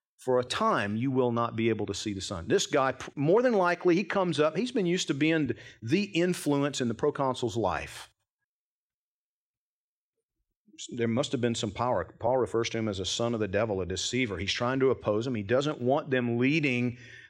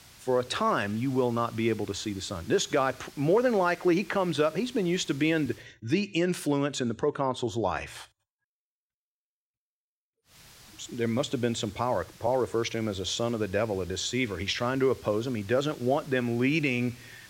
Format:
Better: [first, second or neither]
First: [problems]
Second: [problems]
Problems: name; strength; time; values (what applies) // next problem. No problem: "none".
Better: first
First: none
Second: hiss; faint; until 5.5 s and from 10 s on; 20 dB below the speech